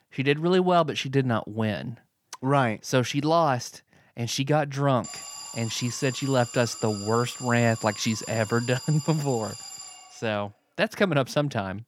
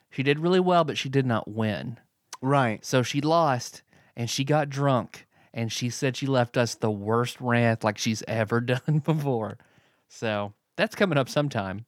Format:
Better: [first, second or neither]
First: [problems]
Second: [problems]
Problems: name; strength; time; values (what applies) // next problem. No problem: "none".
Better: second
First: alarm; faint; from 5 to 10 s; peak 10 dB below the speech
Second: none